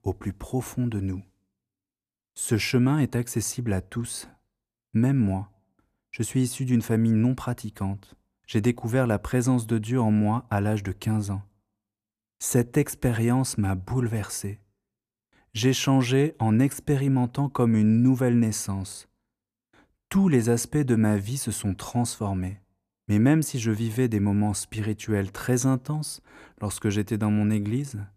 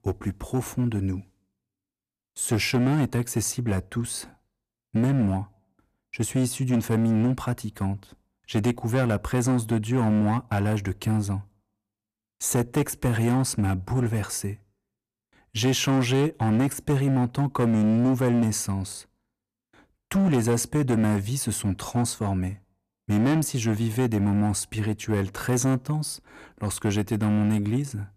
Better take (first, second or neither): first